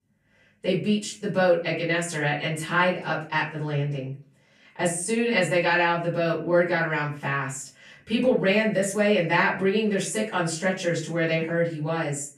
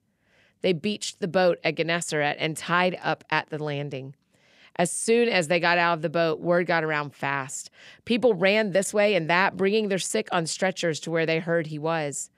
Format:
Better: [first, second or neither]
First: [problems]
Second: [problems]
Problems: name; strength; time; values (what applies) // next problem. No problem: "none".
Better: second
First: off-mic speech; far // room echo; slight; dies away in 0.3 s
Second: none